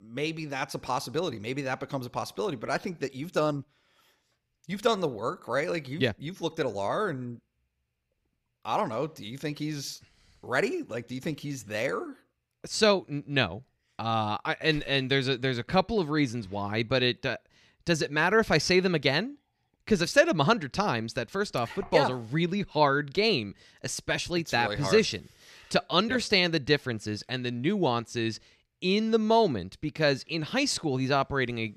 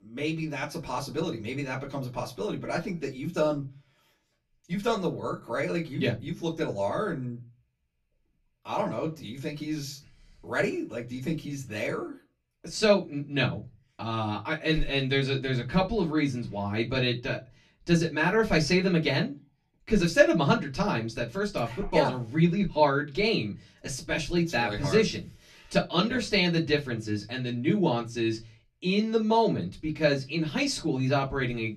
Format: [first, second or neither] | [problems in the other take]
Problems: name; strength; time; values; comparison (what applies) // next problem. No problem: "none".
first | off-mic speech; far // room echo; very slight; dies away in 0.2 s